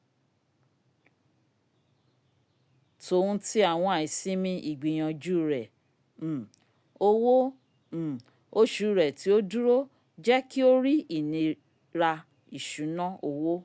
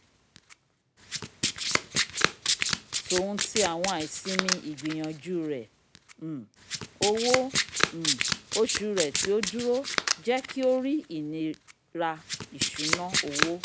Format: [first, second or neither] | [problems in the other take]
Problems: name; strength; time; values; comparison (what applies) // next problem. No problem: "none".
first | background sound (Domestic sounds, home sounds); as loud as the speech